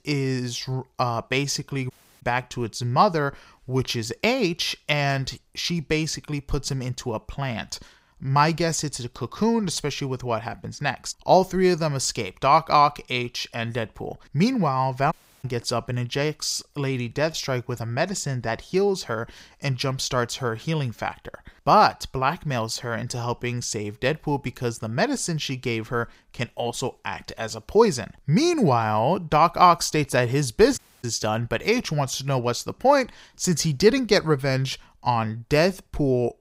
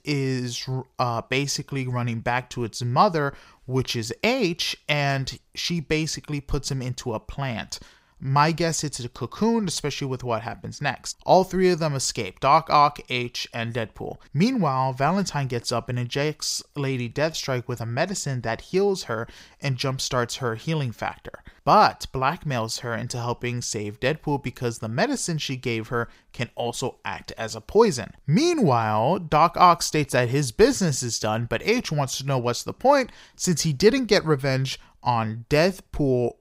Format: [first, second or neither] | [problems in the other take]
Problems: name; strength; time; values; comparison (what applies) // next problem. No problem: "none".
second | audio cutting out; at 2 s, at 15 s and at 31 s